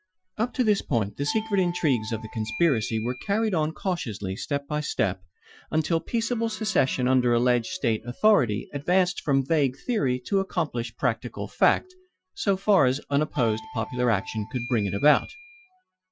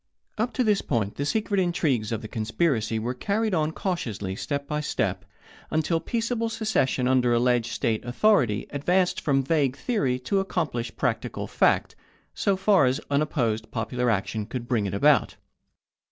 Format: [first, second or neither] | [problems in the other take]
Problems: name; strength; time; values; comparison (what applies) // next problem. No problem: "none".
second | noise reduction (classical method Wiener filter)